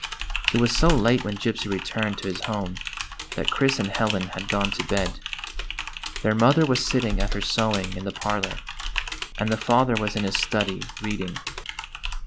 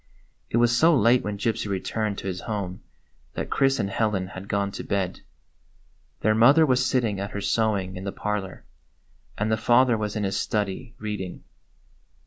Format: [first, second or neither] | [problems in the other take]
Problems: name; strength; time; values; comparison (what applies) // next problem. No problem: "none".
second | background sound (Typing); 5 dB below the speech